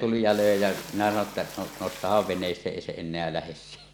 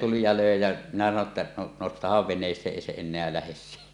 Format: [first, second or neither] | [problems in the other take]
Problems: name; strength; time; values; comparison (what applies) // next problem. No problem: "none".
second | background sound (Splash, splatter); 15 dB below the speech